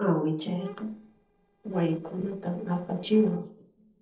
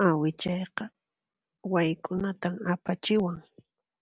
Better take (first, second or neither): second